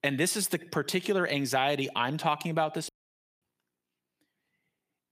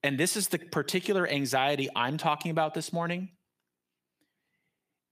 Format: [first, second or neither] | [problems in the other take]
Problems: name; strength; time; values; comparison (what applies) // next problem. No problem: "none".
second | audio cutting out; at 3 s for 0.5 s